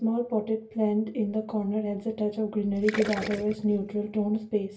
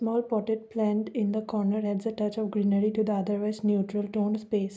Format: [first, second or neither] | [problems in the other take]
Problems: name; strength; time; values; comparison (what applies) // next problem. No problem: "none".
second | background sound (Gurgling); 10 dB below the speech // room echo; dies away in 0.2 s